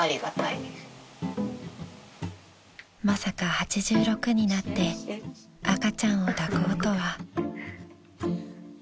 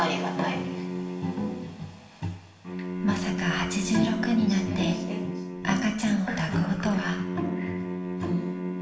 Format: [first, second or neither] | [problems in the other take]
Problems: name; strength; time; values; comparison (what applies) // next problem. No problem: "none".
first | background sound (Bowed string instrument); 4 dB below the speech // room echo; dies away in 0.7 s